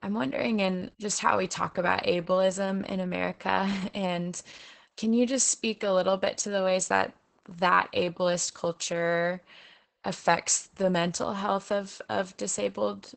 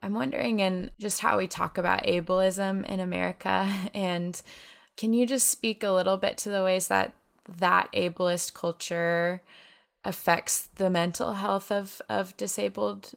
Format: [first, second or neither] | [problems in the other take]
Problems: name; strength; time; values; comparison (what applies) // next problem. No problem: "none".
second | garbled, watery; badly; nothing above 8 kHz; slightly in the second